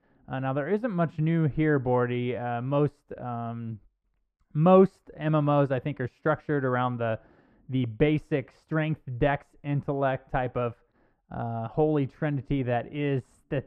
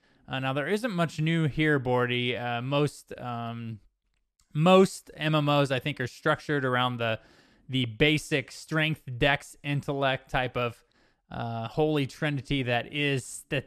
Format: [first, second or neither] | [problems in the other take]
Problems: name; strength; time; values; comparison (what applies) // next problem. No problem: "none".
second | muffled; very; fading above 2.5 kHz